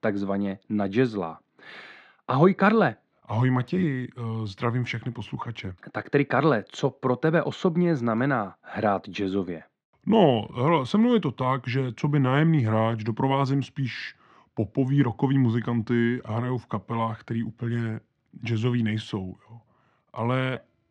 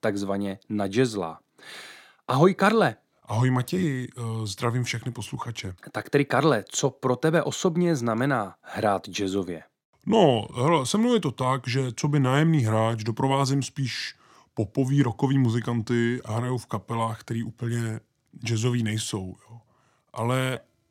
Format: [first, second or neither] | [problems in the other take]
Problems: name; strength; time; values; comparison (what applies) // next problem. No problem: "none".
second | muffled; slightly; fading above 2.5 kHz